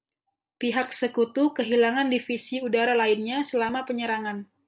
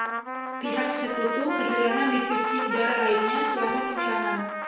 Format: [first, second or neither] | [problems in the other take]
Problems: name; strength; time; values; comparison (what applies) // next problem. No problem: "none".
first | background sound (Trumpet); as loud as the speech // room echo; dies away in 0.9 s